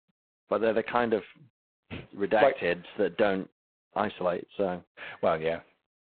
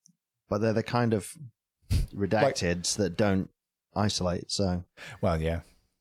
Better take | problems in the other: second | phone-call audio; poor line; nothing above 4 kHz

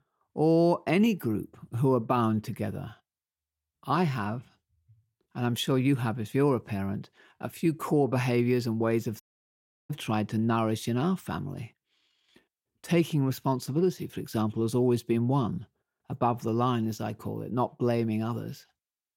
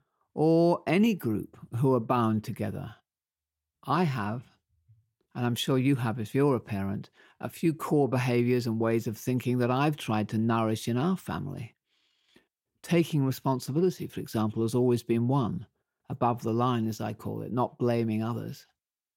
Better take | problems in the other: second | audio cutting out; at 9 s for 0.5 s

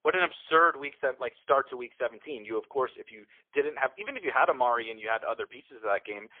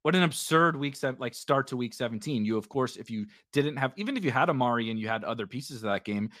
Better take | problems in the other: second | phone-call audio; poor line; nothing above 3.5 kHz

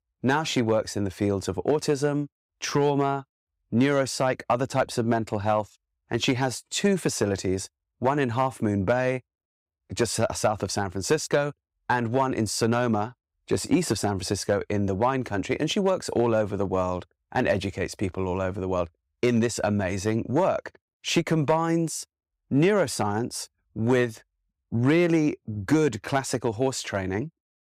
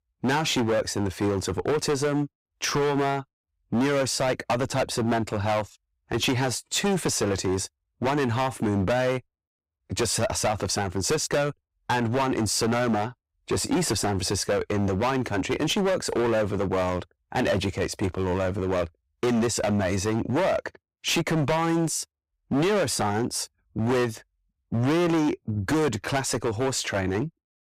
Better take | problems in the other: first | distortion; heavy; 17% of the sound clipped

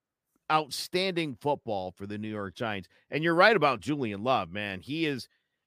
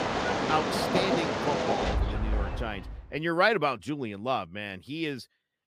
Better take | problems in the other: first | train or aircraft noise; very loud; until 2.5 s; 2 dB above the speech

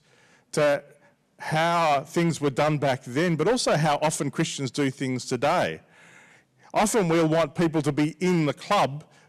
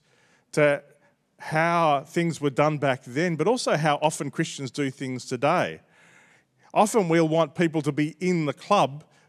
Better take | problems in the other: second | distortion; heavy; 10% of the sound clipped

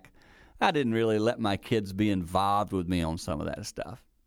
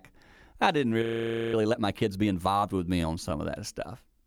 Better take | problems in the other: first | audio freezing; at 1 s for 0.5 s

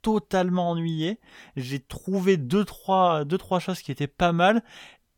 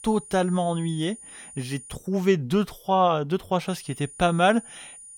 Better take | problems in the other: first | high-pitched whine; noticeable; until 2 s and from 3.5 s on; 9.5 kHz, 15 dB below the speech

